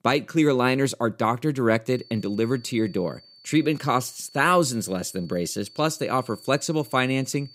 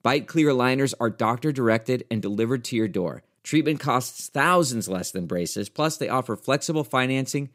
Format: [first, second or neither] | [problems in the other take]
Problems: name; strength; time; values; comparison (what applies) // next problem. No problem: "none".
second | high-pitched whine; faint; from 2 s on; 4.5 kHz, 25 dB below the speech